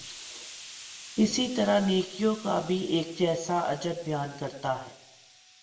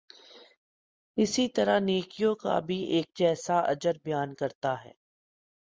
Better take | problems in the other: second | background sound (Explosion); 17 dB below the speech // room echo; dies away in 0.6 s

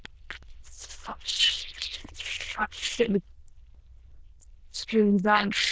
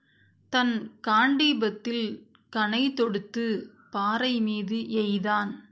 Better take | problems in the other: second | noise reduction (neural diffusion model UNIVERSE++)

